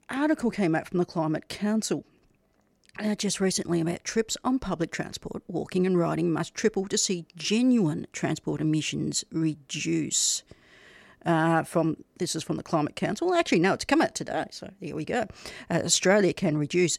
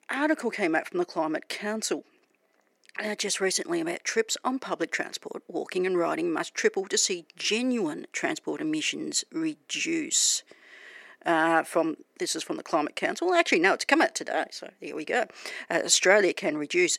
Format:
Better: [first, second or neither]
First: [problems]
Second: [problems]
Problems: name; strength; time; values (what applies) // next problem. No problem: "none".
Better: first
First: none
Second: thin; somewhat; fading below 300 Hz